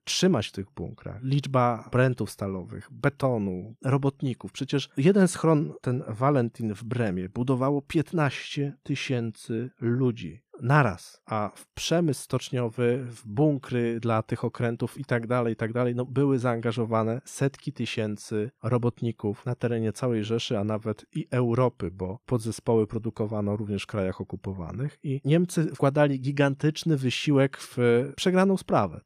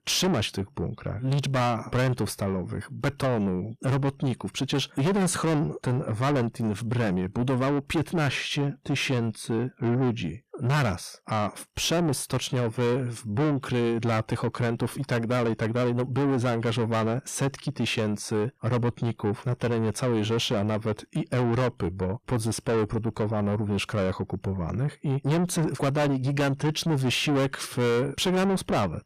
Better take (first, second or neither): first